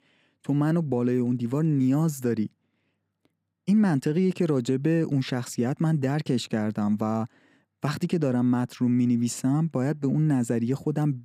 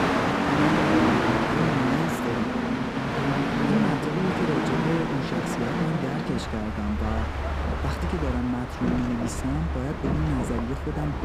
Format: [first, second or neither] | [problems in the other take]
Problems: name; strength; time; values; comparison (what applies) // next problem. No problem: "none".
first | train or aircraft noise; very loud; throughout; 3 dB above the speech